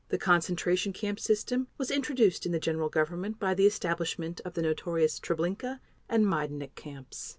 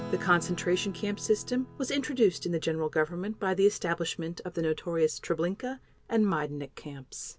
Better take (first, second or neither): first